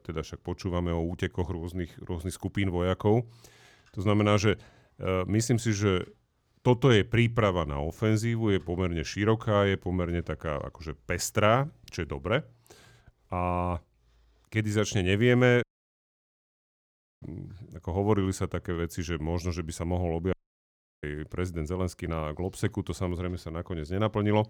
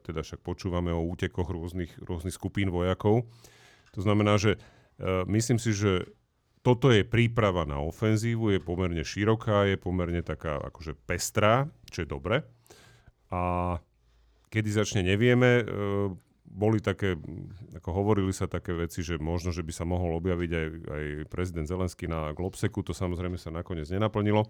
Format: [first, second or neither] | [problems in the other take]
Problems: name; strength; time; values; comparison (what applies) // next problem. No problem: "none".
second | audio cutting out; at 16 s for 1.5 s and at 20 s for 0.5 s